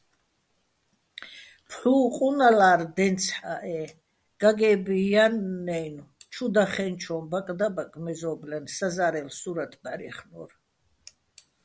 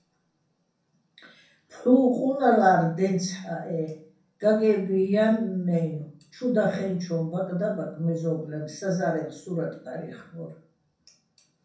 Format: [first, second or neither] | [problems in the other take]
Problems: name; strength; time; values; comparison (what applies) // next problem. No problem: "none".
first | room echo; dies away in 0.6 s